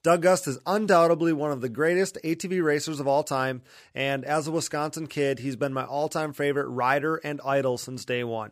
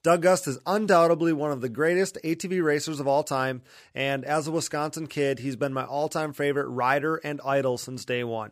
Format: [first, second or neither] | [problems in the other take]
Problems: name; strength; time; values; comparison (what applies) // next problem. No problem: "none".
neither | none